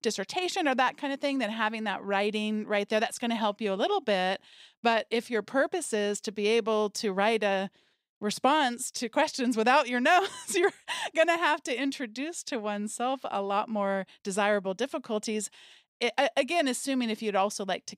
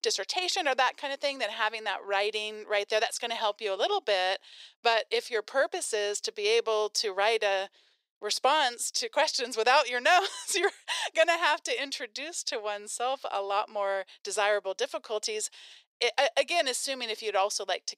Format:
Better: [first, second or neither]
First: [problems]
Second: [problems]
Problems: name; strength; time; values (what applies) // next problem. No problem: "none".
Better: first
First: none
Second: thin; very; fading below 450 Hz